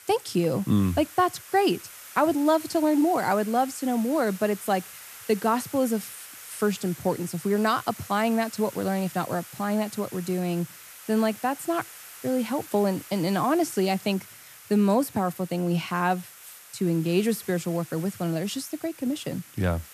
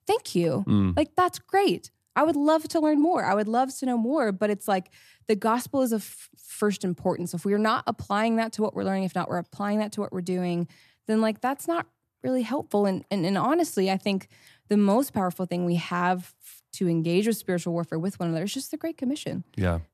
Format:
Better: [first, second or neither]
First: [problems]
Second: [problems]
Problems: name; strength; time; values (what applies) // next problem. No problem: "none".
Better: second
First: hiss; noticeable; throughout; 15 dB below the speech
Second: none